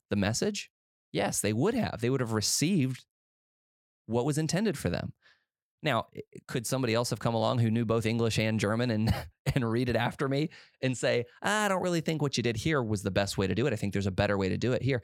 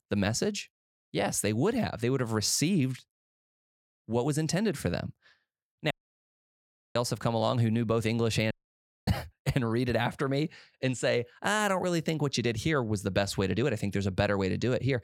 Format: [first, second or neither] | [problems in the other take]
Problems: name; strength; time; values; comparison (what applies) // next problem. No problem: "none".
first | audio cutting out; at 6 s for 1 s and at 8.5 s for 0.5 s